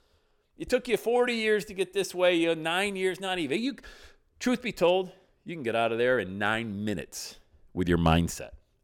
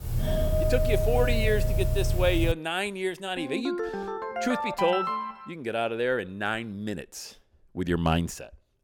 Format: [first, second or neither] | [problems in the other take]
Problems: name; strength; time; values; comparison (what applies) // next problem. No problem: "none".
first | doorbell; loud; until 2.5 s; peak 3 dB above the speech // phone ringing; loud; from 3.5 to 5.5 s; peak 1 dB above the speech